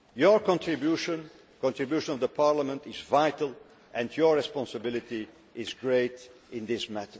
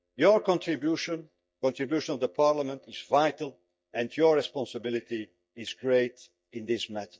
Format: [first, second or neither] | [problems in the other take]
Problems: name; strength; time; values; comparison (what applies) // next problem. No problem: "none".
first | noise reduction (neural mask model DeepFilterNet 3)